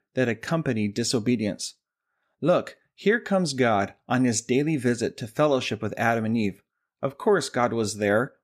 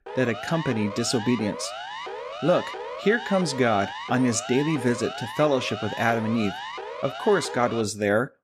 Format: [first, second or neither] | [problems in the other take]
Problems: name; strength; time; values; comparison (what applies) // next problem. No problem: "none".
first | siren; noticeable; until 8 s; peak 9 dB below the speech